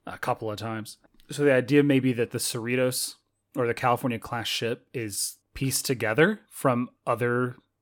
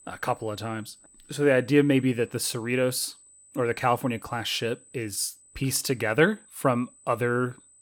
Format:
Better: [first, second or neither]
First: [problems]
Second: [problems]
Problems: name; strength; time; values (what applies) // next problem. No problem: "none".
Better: first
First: none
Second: high-pitched whine; faint; throughout; 8 kHz, 25 dB below the speech